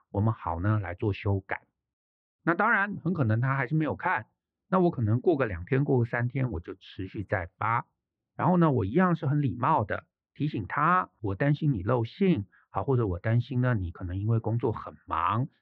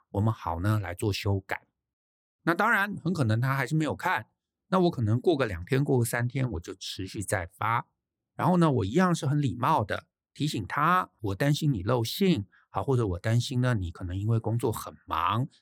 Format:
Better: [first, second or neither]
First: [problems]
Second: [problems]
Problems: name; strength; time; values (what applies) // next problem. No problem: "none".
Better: second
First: muffled; very; fading above 2.5 kHz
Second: none